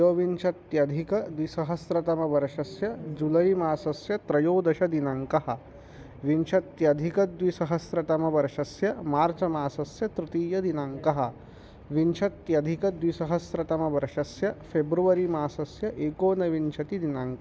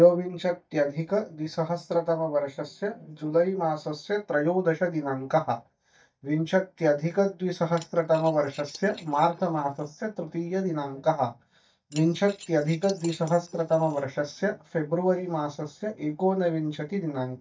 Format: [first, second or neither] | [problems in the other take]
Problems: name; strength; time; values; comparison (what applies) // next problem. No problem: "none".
first | noise reduction (neural mask model DeepFilterNet 3)